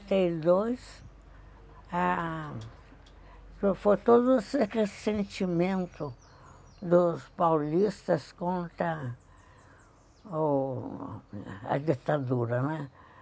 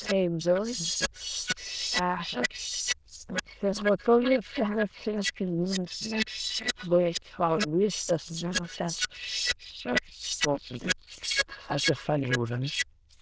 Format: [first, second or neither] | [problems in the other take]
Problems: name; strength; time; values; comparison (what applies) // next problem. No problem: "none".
first | noise reduction (neural diffusion model UNIVERSE++)